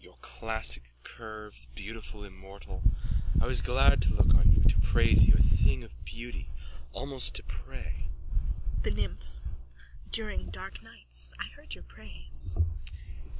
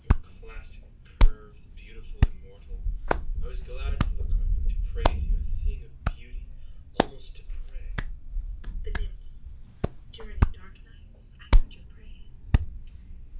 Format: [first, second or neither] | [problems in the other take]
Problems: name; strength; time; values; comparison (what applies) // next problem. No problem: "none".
first | background sound (Hands); 4 dB above the speech // room echo; dies away in 0.3 s